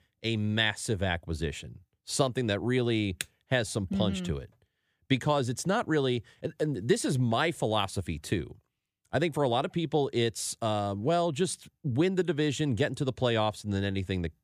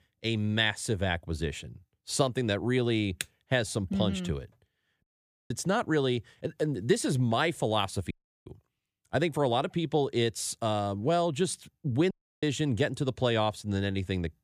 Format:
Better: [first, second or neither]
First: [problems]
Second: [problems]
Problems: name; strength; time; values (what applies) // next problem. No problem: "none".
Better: first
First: none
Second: audio cutting out; at 5 s, at 8 s and at 12 s